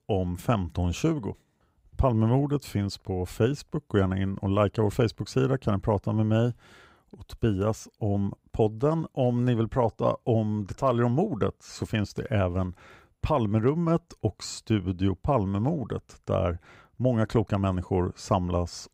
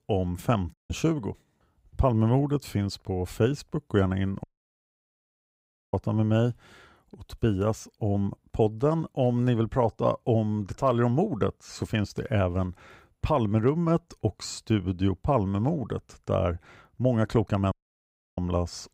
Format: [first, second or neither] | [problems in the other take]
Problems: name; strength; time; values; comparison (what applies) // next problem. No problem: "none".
first | audio cutting out; at 0.5 s, at 4.5 s for 1.5 s and at 18 s for 0.5 s